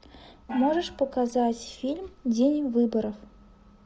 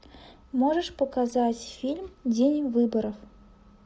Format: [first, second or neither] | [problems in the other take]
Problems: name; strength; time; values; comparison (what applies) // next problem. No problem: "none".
second | background sound (Gong); 18 dB below the speech